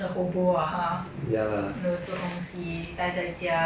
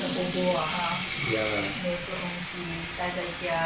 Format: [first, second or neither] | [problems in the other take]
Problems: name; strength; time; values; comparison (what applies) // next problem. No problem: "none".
first | background sound (Sink (filling or washing) / Water tap, faucet); 4 dB below the speech